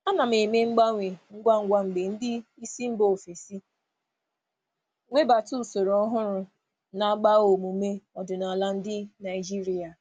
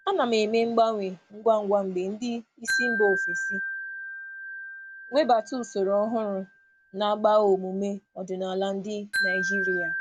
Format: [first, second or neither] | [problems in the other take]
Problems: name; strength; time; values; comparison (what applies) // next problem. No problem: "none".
first | background sound (Wind chime); 7 dB below the speech